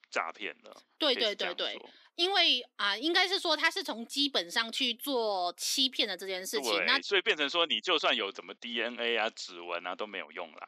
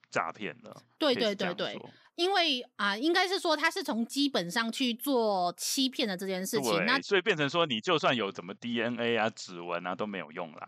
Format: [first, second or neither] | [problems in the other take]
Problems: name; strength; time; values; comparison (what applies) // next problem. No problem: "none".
second | thin; very slightly; fading below 300 Hz